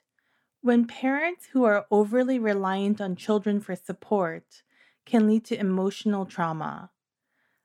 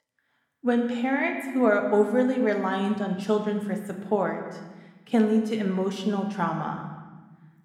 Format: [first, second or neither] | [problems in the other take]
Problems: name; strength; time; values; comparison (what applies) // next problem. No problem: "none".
first | room echo; slight; dies away in 1.2 s